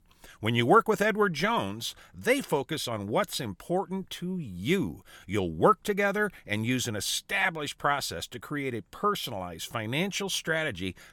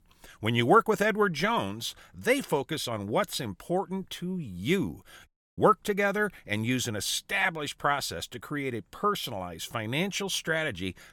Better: first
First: none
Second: audio cutting out; at 5.5 s

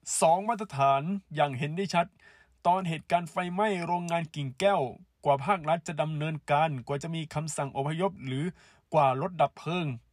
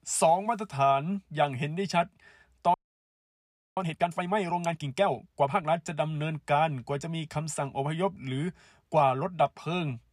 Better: first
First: none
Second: audio freezing; at 2.5 s for 1 s

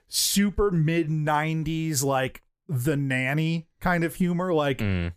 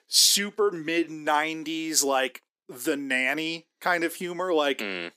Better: first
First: none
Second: thin; somewhat; fading below 250 Hz

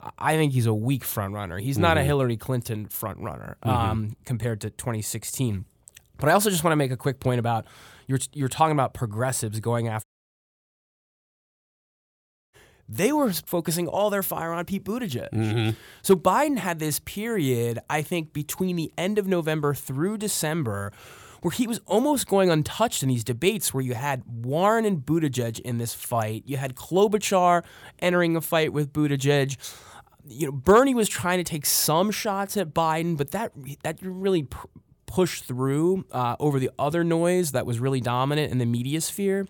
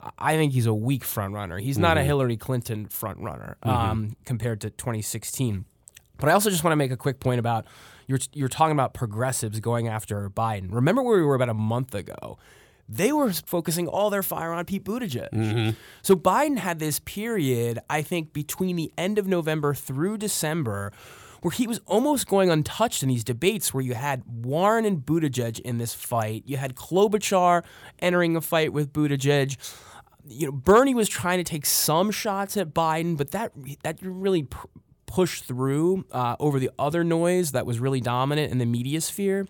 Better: second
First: audio cutting out; at 10 s for 2.5 s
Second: none

